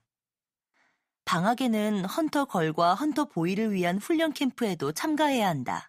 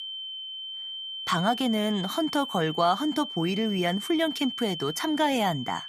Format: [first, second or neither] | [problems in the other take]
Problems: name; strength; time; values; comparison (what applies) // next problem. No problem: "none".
first | high-pitched whine; loud; throughout; 3 kHz, 7 dB below the speech